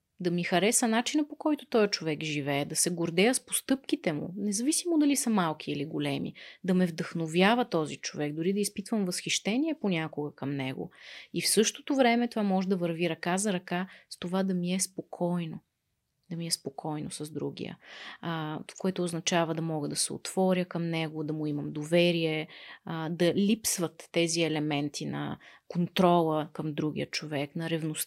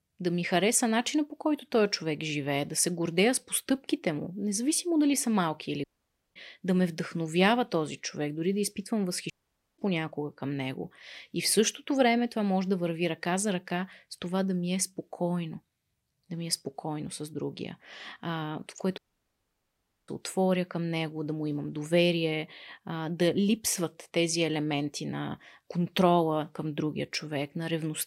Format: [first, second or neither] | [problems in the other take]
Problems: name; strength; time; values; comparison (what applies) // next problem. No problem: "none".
first | audio cutting out; at 6 s for 0.5 s, at 9.5 s and at 19 s for 1 s